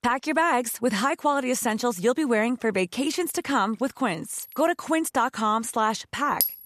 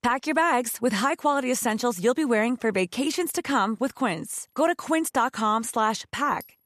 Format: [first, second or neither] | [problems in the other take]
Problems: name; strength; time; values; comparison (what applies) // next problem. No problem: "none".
second | household noises; loud; throughout; 6 dB below the speech; faint in the second